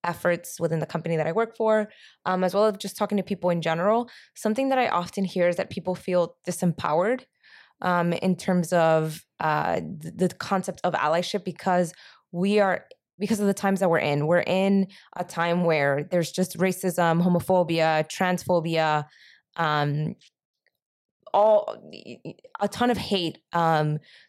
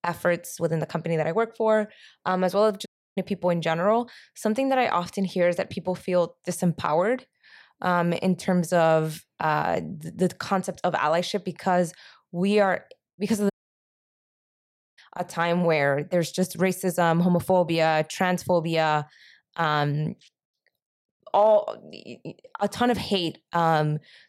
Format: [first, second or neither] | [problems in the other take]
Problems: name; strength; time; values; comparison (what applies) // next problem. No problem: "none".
first | audio cutting out; at 3 s and at 14 s for 1.5 s